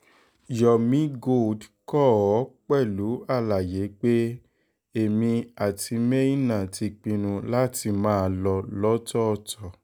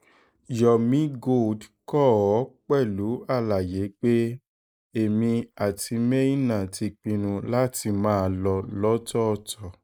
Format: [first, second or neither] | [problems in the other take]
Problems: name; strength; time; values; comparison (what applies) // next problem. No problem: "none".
first | noise reduction (neural mask model Resemble Enhance denoiser)